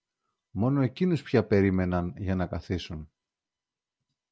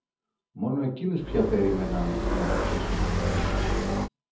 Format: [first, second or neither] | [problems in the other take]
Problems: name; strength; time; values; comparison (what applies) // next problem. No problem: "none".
first | background sound (Motorcycle); 3 dB above the speech // room echo; dies away in 0.7 s